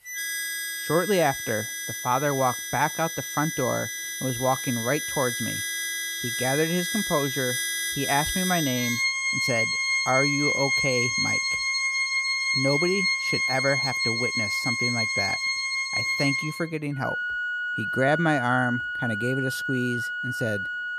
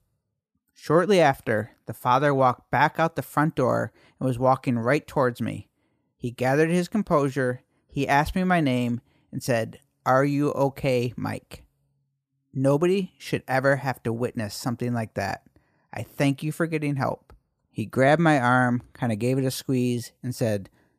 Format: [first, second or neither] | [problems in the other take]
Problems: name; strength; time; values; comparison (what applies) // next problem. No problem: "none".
second | background music; very loud; throughout; 2 dB above the speech